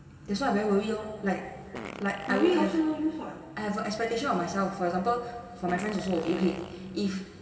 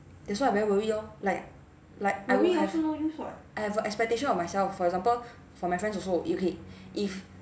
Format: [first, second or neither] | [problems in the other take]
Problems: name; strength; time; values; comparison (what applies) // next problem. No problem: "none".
second | background sound (Fart); 14 dB below the speech // room echo; dies away in 2.6 s